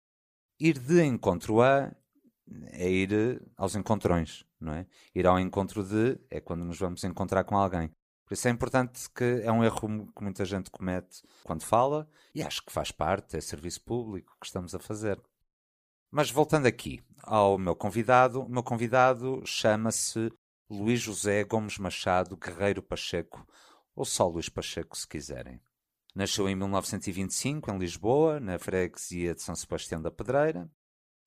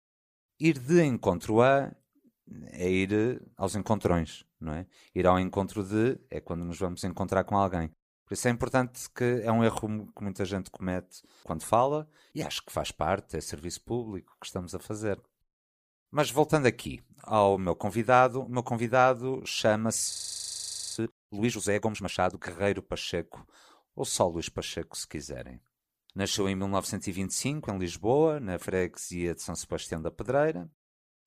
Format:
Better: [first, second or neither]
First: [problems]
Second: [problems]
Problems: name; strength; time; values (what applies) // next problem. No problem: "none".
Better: first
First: none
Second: audio freezing; at 20 s for 1 s